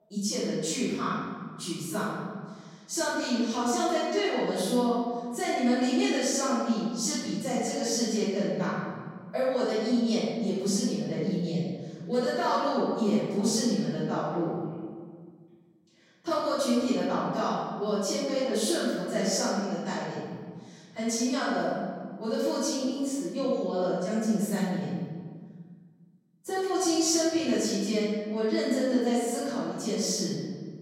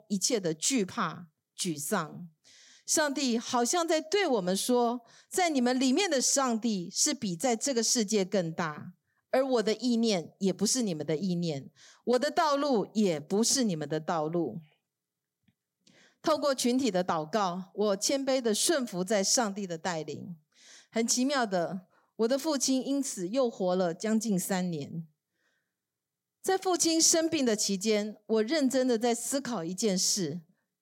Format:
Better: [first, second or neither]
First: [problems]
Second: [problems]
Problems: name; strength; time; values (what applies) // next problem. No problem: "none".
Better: second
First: off-mic speech; far // room echo; strong; dies away in 1.6 s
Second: none